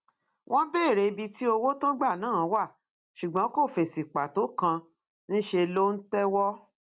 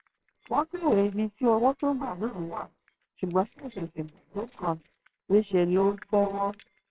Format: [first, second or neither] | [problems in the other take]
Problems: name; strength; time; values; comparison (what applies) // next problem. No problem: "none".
first | noise reduction (neural separator model SepFormer WHAMR!)